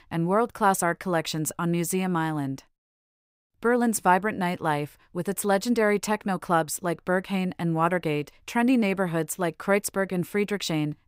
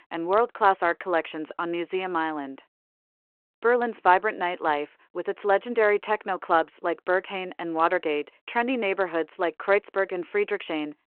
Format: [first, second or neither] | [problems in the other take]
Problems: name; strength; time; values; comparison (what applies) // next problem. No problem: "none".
first | phone-call audio